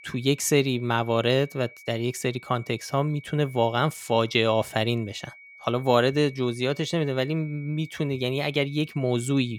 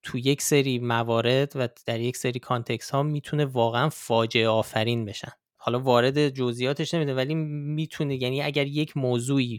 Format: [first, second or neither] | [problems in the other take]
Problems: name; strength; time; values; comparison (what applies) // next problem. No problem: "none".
second | high-pitched whine; faint; throughout; 2.5 kHz, 20 dB below the speech